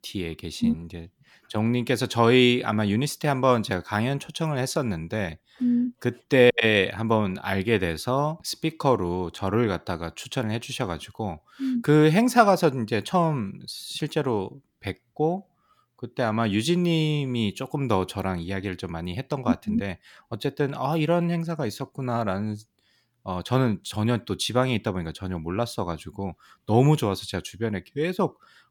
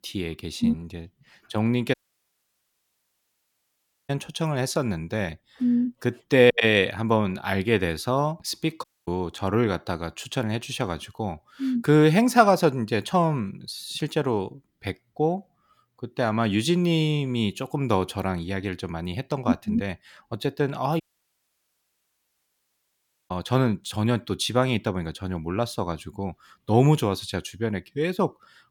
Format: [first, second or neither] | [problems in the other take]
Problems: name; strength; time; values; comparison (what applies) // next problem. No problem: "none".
first | audio cutting out; at 2 s for 2 s, at 9 s and at 21 s for 2.5 s